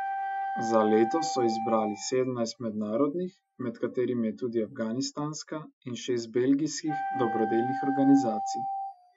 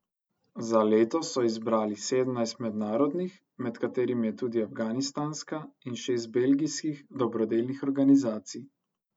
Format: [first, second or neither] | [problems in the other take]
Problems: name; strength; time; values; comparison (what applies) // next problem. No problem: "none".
second | noise reduction (classical method Wiener filter)